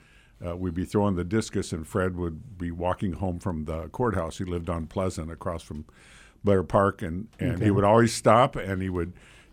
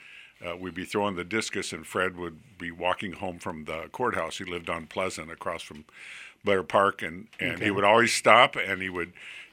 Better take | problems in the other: first | thin; somewhat; fading below 600 Hz

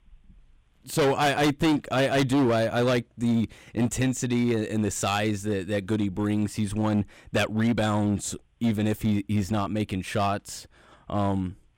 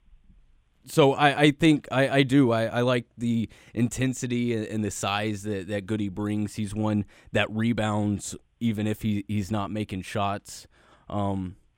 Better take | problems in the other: second | distortion; heavy; 9% of the sound clipped

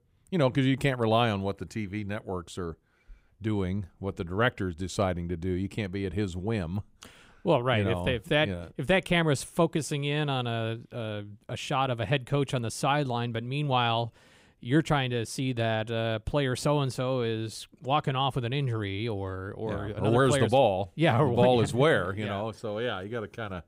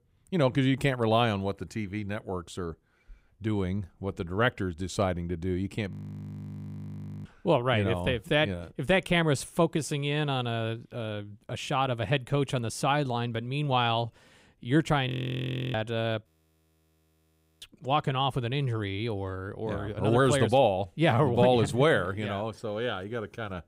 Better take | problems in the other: first | audio freezing; at 6 s for 1.5 s, at 15 s for 0.5 s and at 16 s for 1.5 s

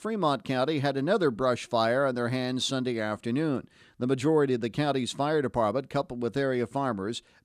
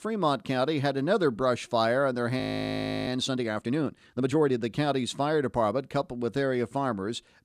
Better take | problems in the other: first | audio freezing; at 2.5 s for 0.5 s

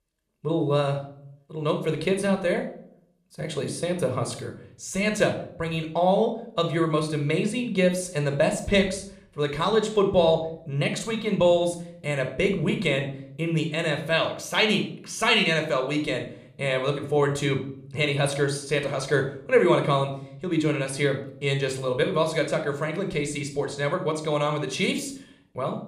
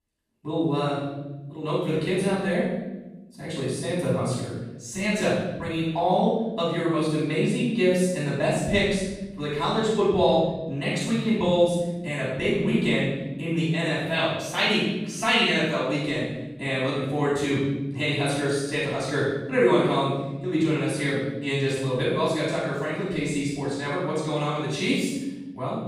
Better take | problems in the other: first | room echo; strong; dies away in 1.1 s; slight in the first // off-mic speech; far

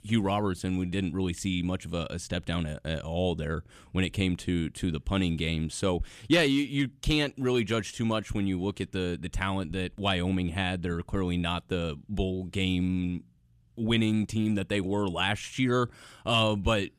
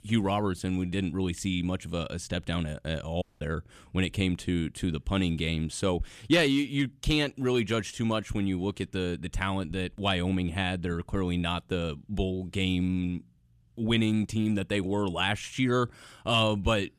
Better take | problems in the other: first | audio cutting out; at 3 s

